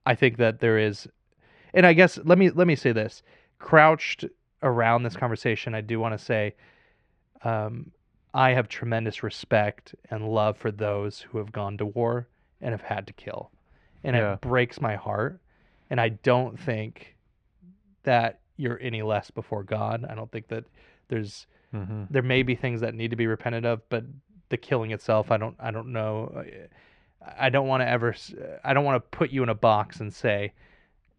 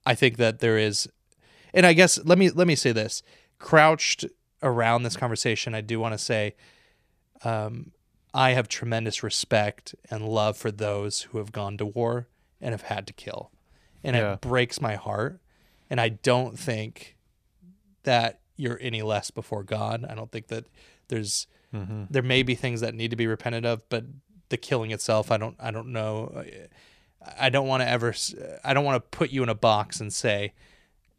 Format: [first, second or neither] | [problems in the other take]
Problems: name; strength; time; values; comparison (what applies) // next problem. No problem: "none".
second | muffled; very; fading above 2 kHz